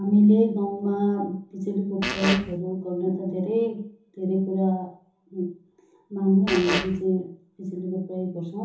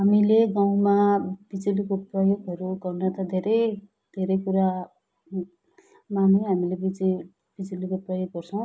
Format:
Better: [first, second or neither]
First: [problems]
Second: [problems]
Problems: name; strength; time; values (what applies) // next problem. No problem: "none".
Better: second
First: background sound (Fart); 4 dB below the speech // room echo; dies away in 0.7 s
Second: none